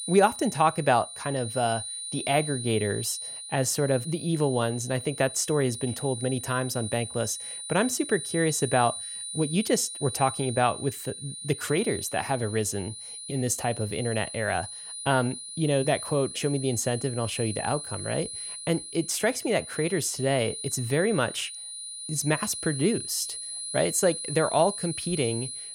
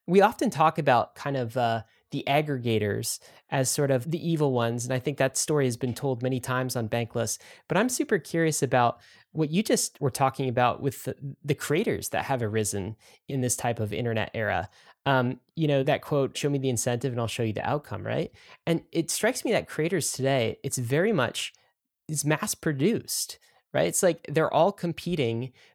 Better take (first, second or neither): second